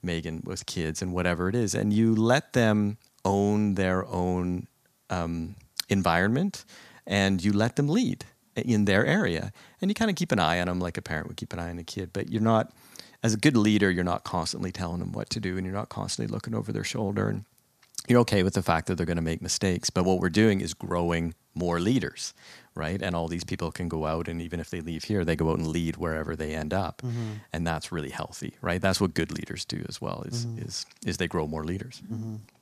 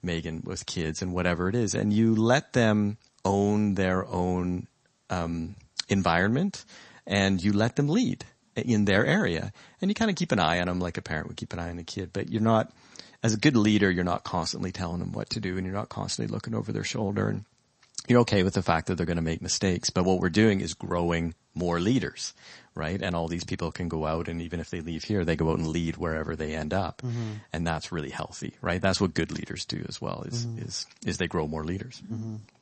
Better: first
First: none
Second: garbled, watery; slightly; nothing above 8 kHz

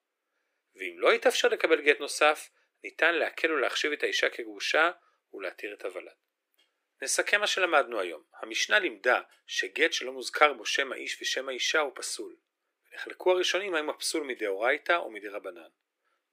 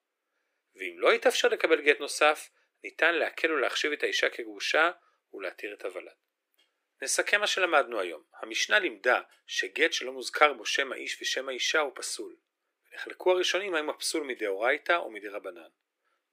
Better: neither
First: thin; very; fading below 350 Hz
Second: thin; very; fading below 350 Hz

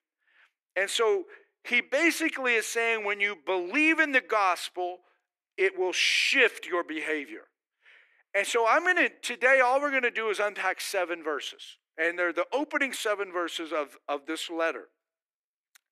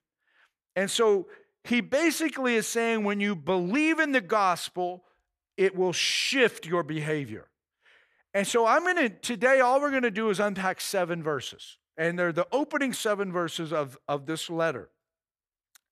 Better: second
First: thin; somewhat; fading below 300 Hz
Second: none

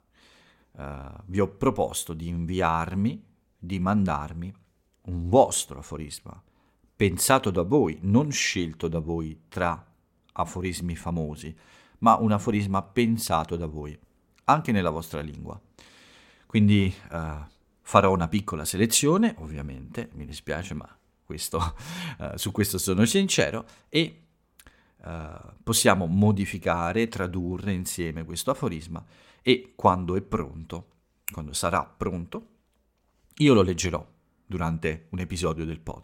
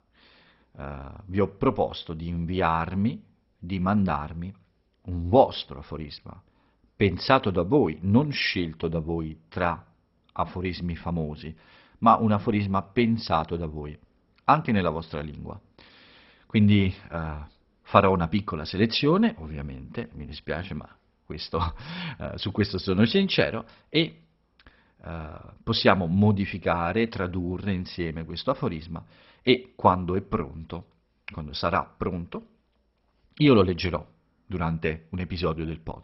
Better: first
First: none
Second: garbled, watery; badly; nothing above 5.5 kHz

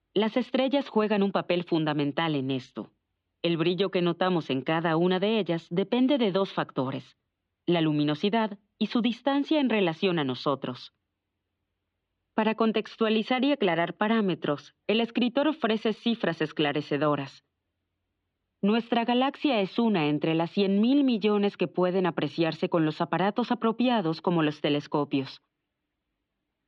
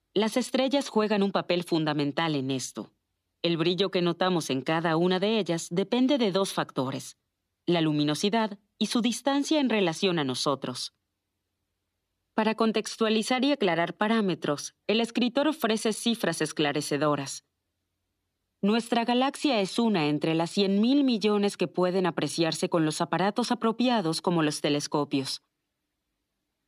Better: second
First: muffled; slightly; fading above 3 kHz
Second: none

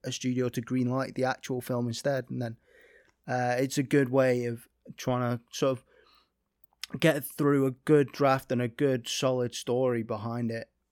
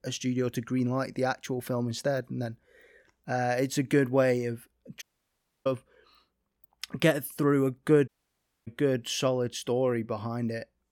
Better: first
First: none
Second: audio cutting out; at 5 s for 0.5 s and at 8 s for 0.5 s

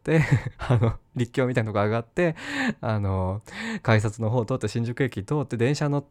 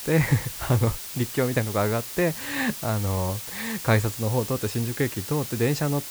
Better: first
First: none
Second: hiss; loud; throughout; 8 dB below the speech

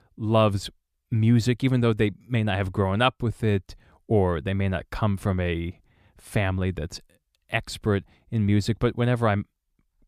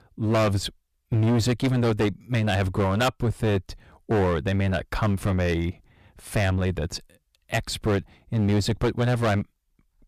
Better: first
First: none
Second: distortion; heavy; 14% of the sound clipped

